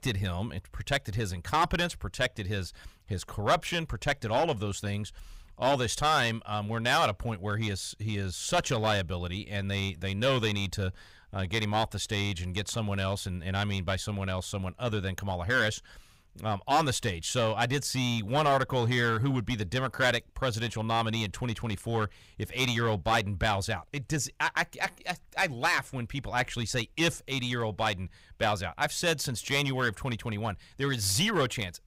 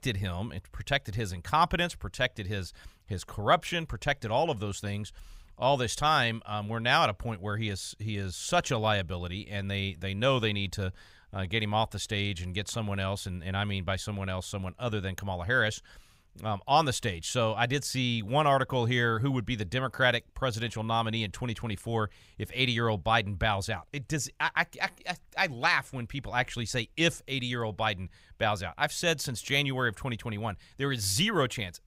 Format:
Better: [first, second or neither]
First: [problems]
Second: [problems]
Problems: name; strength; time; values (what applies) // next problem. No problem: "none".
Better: second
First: distortion; slight; 4% of the sound clipped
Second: none